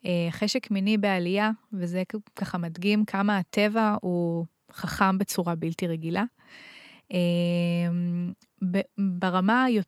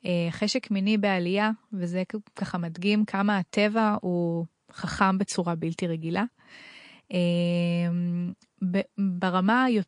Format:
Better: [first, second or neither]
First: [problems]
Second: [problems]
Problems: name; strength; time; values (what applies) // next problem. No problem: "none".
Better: first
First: none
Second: garbled, watery; slightly; nothing above 10 kHz